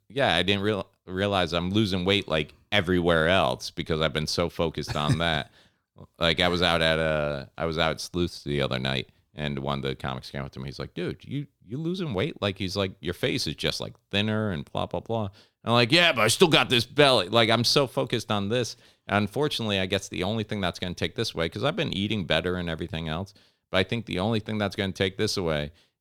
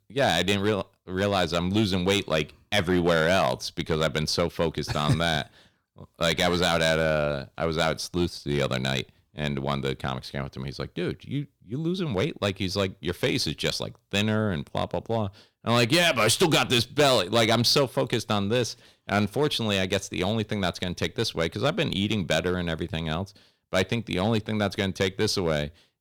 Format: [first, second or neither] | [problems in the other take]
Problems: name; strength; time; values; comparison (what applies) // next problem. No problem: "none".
first | distortion; slight; 3% of the sound clipped